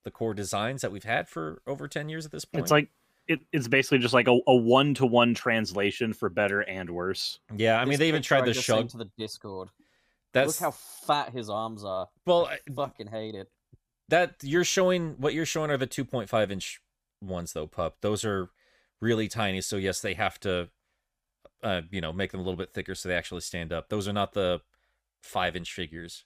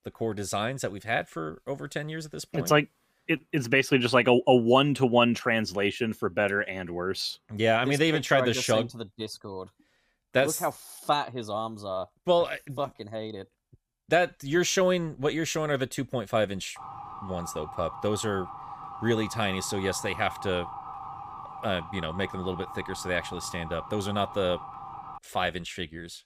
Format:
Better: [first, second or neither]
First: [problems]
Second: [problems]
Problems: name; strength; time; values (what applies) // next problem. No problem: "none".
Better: first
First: none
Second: siren; faint; from 17 to 25 s; peak 10 dB below the speech